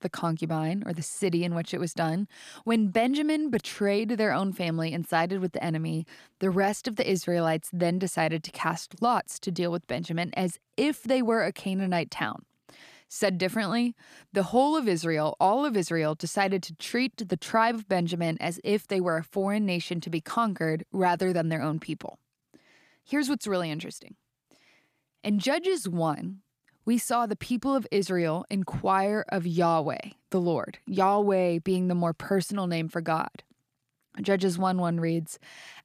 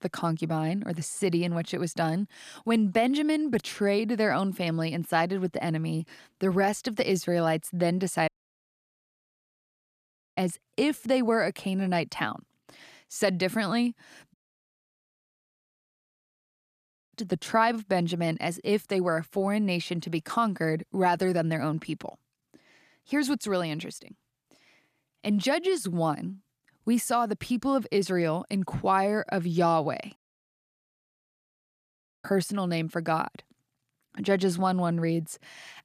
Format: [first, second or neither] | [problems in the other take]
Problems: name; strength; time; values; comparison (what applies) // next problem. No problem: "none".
first | audio cutting out; at 8.5 s for 2 s, at 14 s for 3 s and at 30 s for 2 s